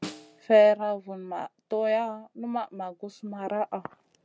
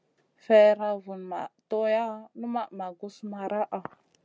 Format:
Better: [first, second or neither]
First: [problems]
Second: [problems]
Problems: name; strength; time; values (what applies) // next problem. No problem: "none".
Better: second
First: background sound (Snare drum); 19 dB below the speech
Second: none